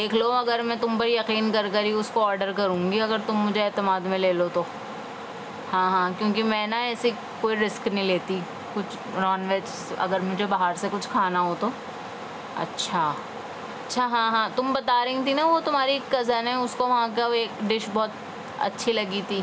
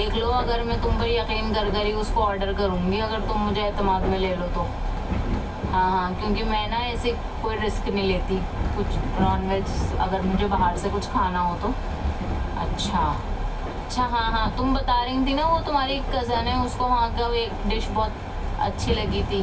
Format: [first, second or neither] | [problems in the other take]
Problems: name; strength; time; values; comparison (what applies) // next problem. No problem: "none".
first | background sound (Train); 2 dB below the speech // room echo; dies away in 0.1 s